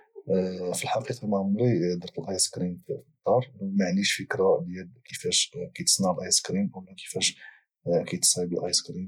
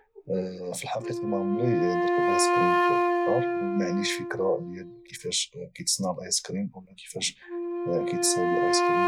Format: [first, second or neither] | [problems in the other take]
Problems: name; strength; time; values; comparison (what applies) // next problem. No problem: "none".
first | background sound (Wind instrument, woodwind instrument); 3 dB above the speech